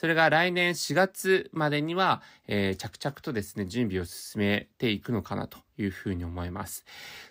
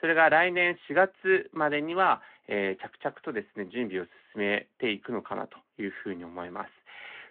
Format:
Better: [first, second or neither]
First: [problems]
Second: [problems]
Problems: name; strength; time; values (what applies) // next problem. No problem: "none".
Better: first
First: none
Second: phone-call audio